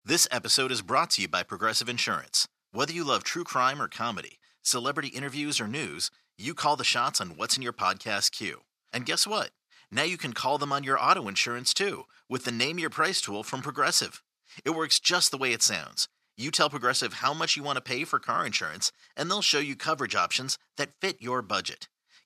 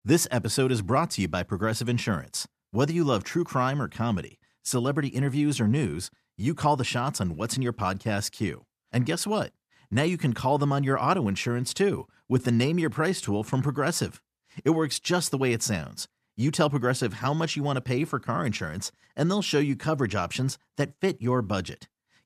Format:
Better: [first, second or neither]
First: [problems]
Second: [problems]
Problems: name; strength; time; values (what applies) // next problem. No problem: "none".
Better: second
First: thin; somewhat; fading below 800 Hz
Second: none